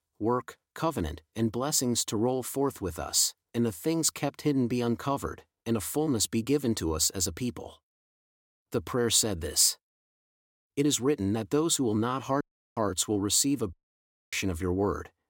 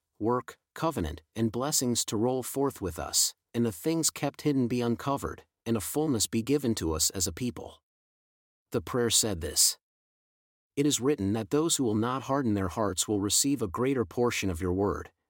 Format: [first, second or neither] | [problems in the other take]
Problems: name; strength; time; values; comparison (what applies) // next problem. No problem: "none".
second | audio cutting out; at 12 s and at 14 s for 0.5 s